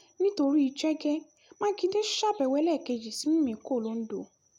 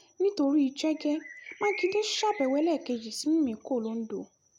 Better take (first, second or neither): first